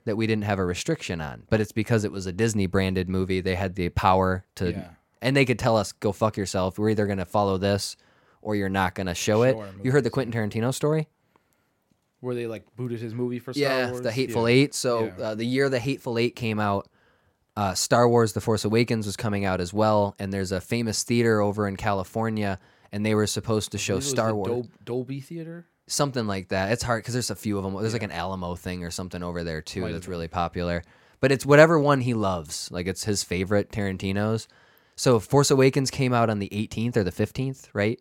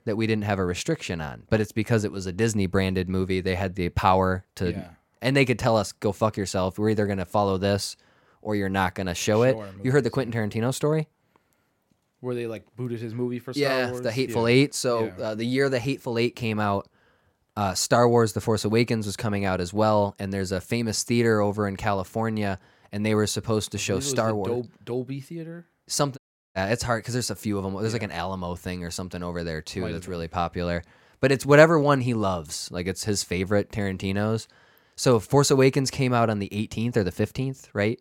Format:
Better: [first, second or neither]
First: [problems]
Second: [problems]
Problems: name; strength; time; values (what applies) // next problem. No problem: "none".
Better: first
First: none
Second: audio cutting out; at 26 s